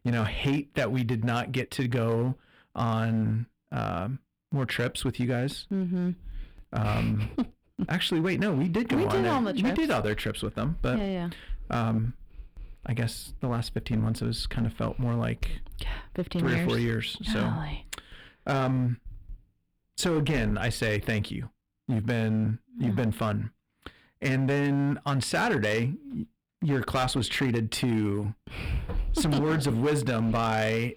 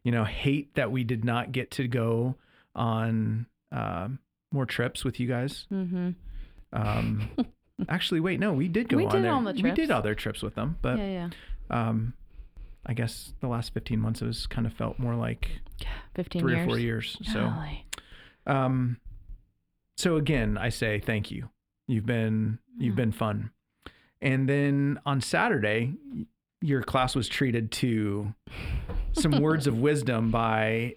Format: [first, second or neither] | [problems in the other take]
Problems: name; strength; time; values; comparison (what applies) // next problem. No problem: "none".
second | distortion; slight; 8% of the sound clipped